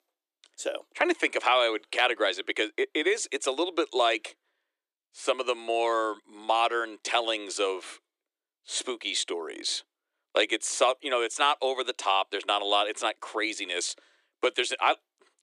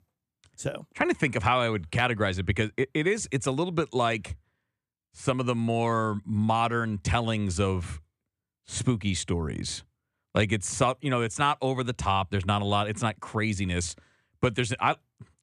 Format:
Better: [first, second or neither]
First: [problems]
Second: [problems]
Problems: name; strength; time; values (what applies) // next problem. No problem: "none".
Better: second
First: thin; very; fading below 300 Hz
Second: none